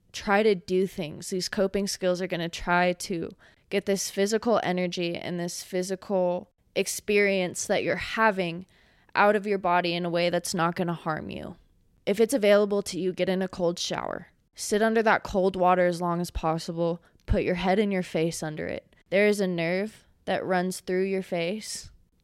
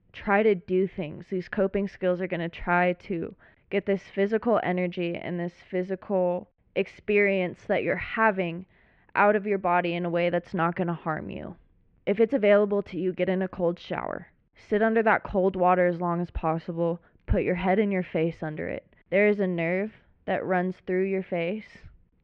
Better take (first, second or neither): first